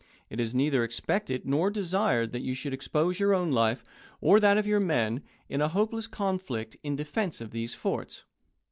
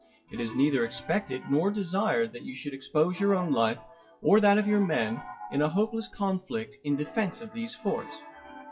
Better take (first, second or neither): first